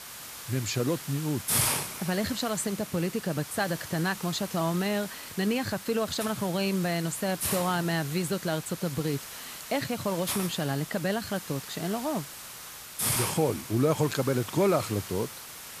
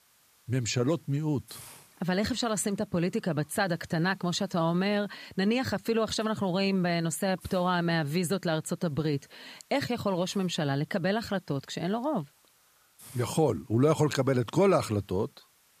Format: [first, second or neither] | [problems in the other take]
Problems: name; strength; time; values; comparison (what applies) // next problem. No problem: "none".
second | hiss; loud; throughout; 5 dB below the speech; faint in the second